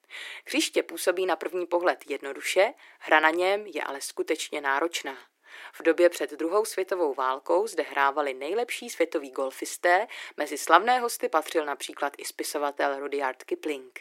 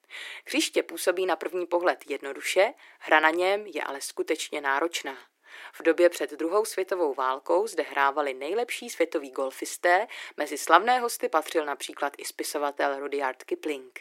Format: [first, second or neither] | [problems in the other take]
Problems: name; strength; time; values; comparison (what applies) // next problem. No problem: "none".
neither | thin; somewhat; fading below 300 Hz; the same in both